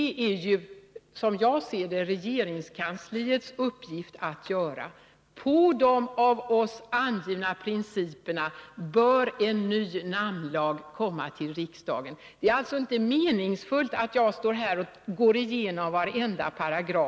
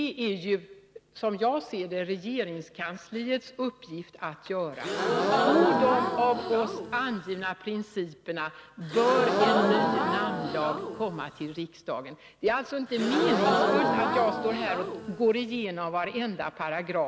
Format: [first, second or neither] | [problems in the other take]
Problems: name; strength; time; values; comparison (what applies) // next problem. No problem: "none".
first | background sound (Crowd / Gasp); 2 dB above the speech